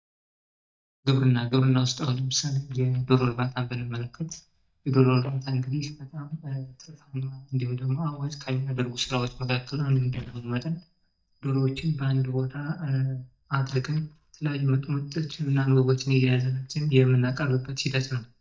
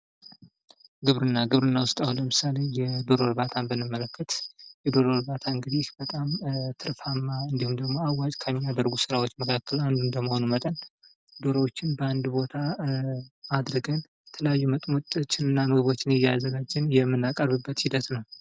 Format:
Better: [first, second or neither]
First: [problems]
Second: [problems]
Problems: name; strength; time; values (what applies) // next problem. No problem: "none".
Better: second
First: noise reduction (neural mask model DeepFilterNet 3)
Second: none